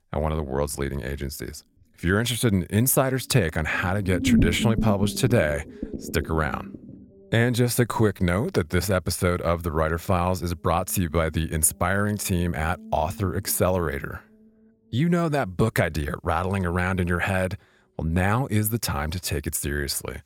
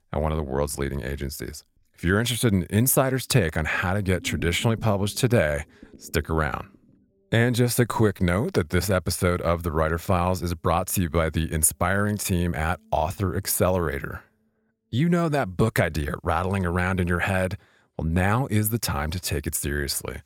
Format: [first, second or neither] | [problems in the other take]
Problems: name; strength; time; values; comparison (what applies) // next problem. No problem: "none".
second | low rumble; loud; throughout; 10 dB below the speech; faint in the second